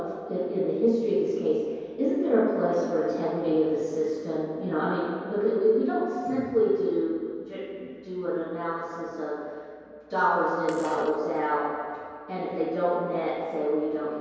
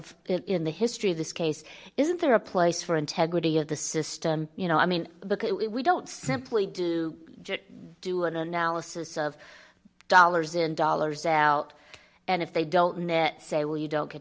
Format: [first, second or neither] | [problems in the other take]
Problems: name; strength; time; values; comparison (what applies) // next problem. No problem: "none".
second | background sound (Fart); 20 dB below the speech // room echo; dies away in 2.2 s